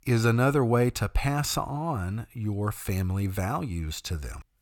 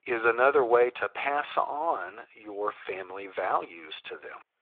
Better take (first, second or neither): first